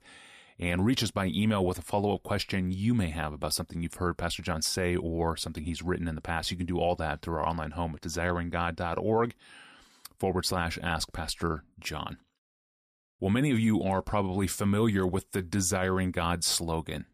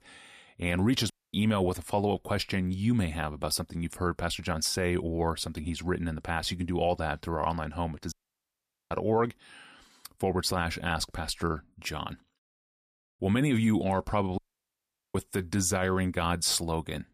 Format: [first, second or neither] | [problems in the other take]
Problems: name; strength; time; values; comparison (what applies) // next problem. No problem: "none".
first | audio cutting out; at 1 s, at 8 s for 1 s and at 14 s for 1 s